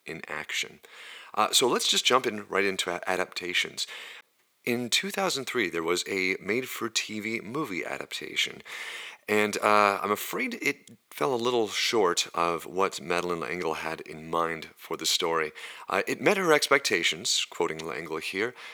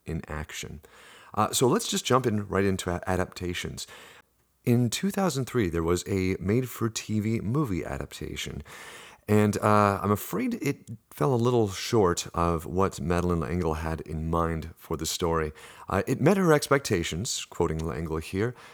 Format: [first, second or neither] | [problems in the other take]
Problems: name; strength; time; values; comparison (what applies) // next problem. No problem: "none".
second | thin; somewhat; fading below 350 Hz